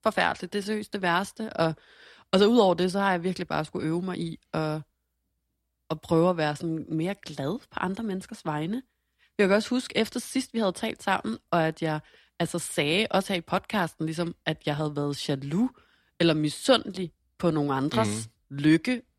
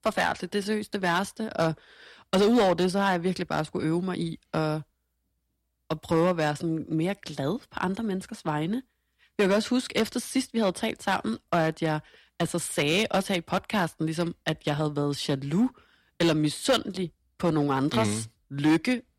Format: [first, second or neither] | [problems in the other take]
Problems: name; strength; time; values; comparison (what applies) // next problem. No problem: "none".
first | distortion; slight; 3% of the sound clipped